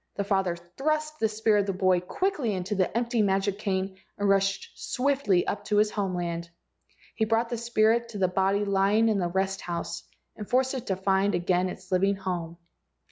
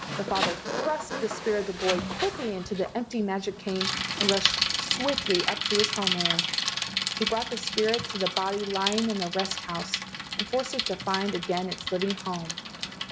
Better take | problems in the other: first | background sound (Bicycle); 1 dB below the speech

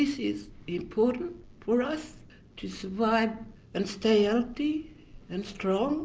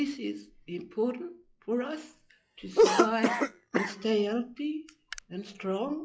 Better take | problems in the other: first | noise reduction (classical method log-MMSE)

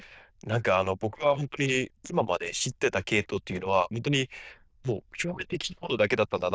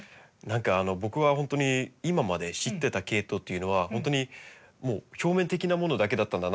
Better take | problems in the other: second | noise reduction (neural diffusion model UNIVERSE++)

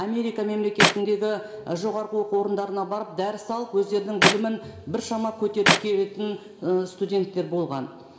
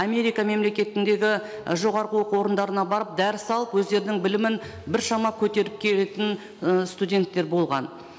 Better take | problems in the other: second | background sound (Clapping); 1 dB above the speech // room echo; dies away in 1.3 s

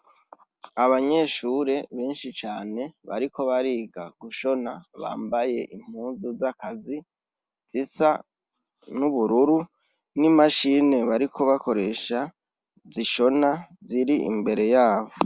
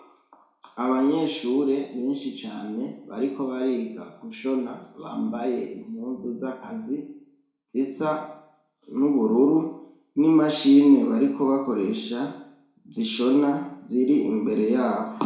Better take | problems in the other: first | room echo; dies away in 0.6 s

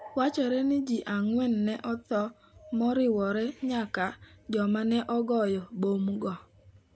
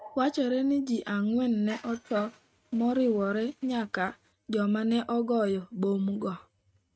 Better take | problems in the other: first | noise reduction (neural mask model RNNoise)

